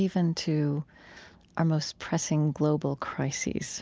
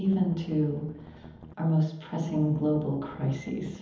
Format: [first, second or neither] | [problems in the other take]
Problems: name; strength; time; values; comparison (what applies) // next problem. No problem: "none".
first | background sound (Strum); 19 dB below the speech // room echo; dies away in 1.3 s